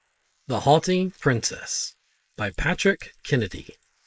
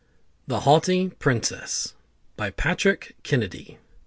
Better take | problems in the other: second | noise reduction (neural mask model Resemble Enhance denoiser)

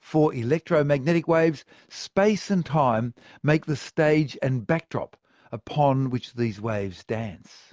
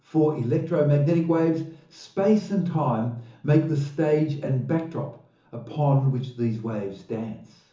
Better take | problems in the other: first | room echo; dies away in 0.7 s

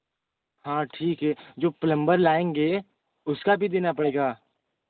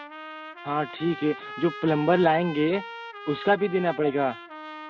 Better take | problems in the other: first | background sound (Trumpet); 13 dB below the speech

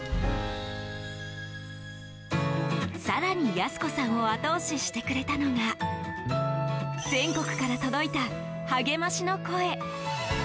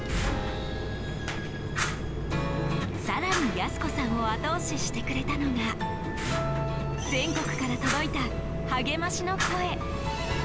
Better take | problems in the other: first | background sound (Fire); 1 dB below the speech

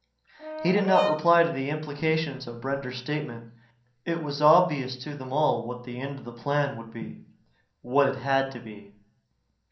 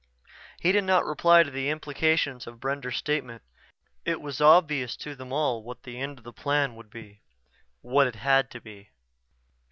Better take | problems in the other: second | background sound (Brass instrument); 5 dB below the speech // room echo; dies away in 0.6 s

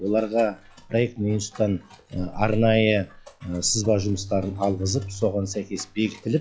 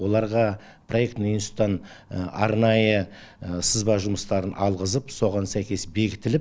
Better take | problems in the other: second | noise reduction (classical method log-MMSE)

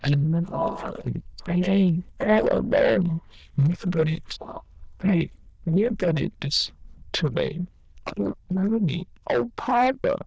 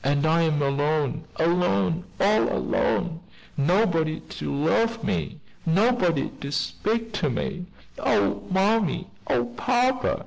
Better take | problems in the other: second | noise reduction (neural diffusion model UNIVERSE++)

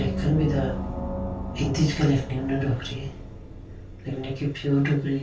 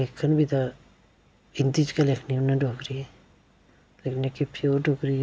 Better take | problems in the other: second | background sound (Gong); 6 dB below the speech // room echo; dies away in 0.2 s

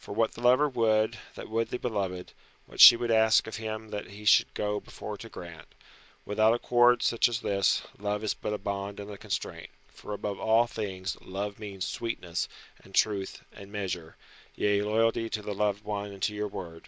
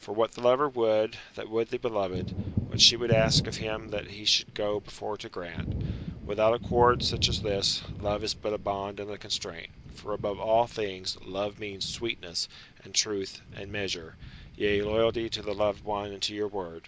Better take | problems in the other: first | background sound (Thunder); 9 dB below the speech

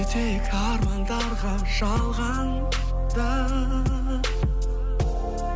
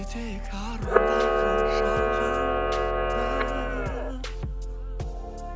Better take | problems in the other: first | background sound (Camera); 4 dB above the speech

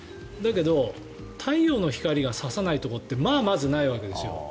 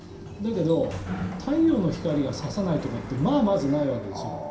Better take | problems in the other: first | background sound (Sliding door); 12 dB below the speech // room echo; dies away in 0.5 s

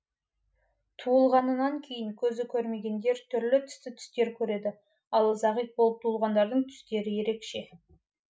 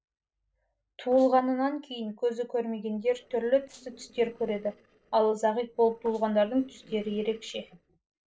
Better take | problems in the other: first | noise reduction (neural separator model SepFormer DNS4)

